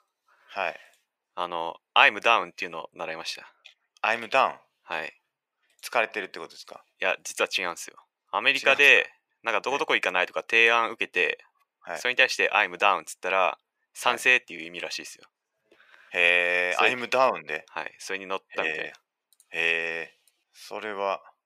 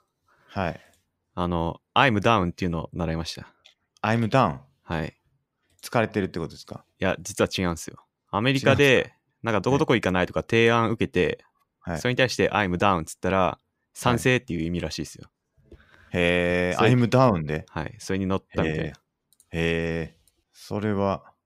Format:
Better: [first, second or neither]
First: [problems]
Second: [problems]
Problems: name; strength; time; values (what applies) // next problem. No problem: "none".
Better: second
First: thin; very; fading below 700 Hz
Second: none